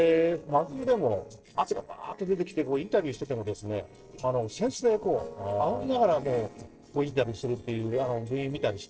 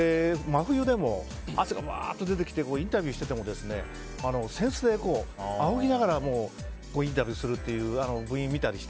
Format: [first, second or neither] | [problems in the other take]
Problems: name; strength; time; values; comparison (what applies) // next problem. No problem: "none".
second | noise reduction (neural separator model SepFormer DNS4)